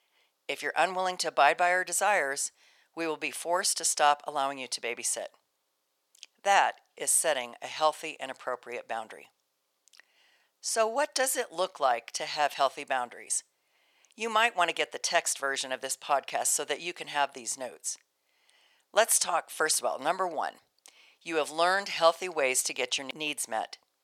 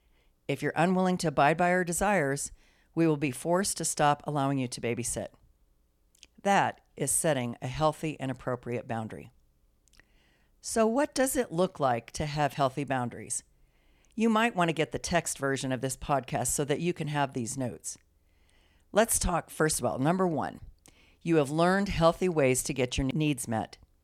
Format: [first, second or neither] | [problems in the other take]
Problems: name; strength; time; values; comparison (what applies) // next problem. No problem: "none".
second | thin; very; fading below 700 Hz